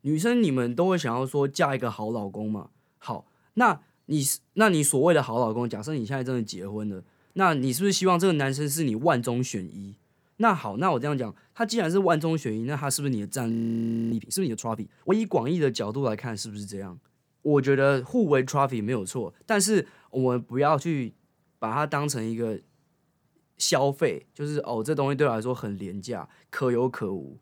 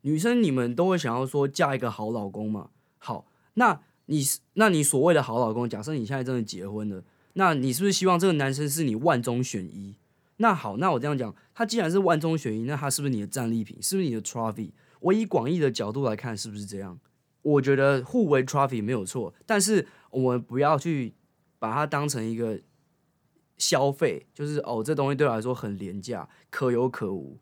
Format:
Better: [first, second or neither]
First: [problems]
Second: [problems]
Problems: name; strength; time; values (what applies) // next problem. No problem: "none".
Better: second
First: audio freezing; at 14 s for 0.5 s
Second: none